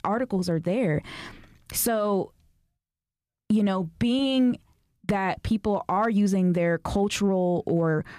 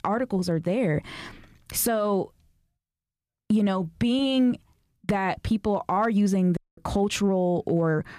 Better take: first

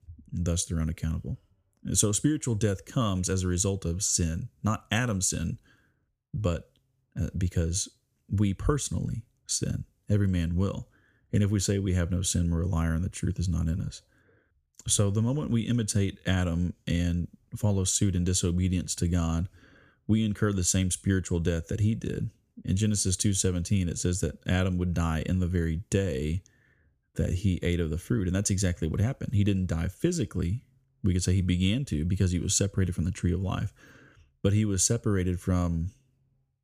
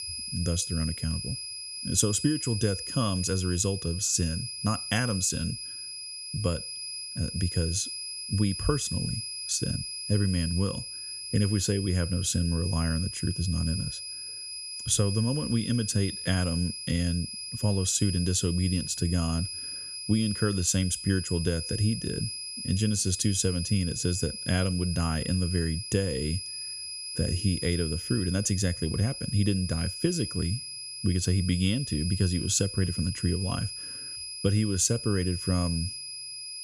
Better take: first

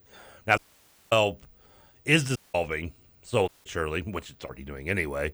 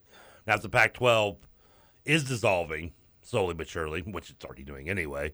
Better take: second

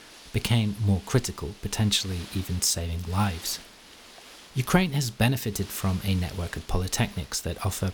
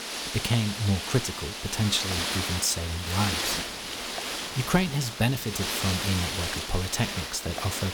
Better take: first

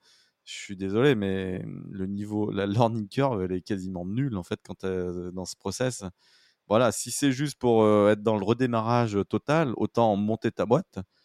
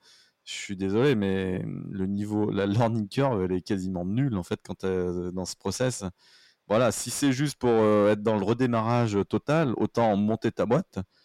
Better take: first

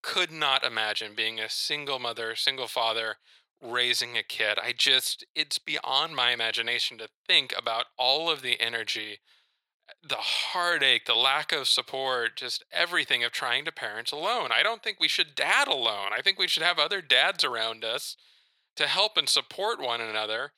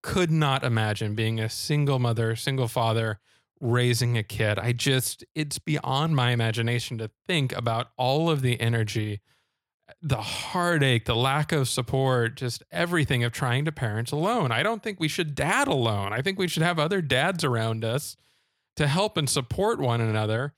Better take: second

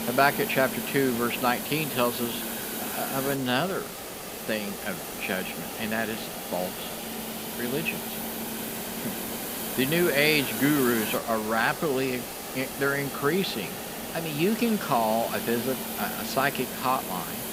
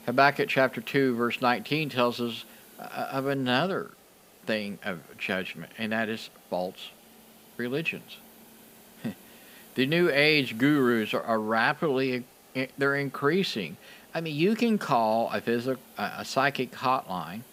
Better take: second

